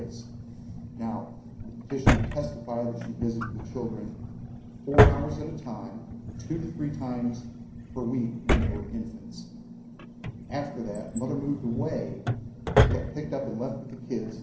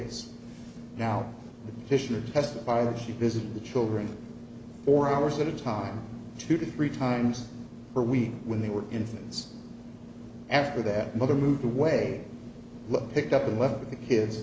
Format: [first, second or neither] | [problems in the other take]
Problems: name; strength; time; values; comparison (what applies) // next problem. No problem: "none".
second | background sound (Drawer open or close); 3 dB above the speech // room echo; dies away in 0.6 s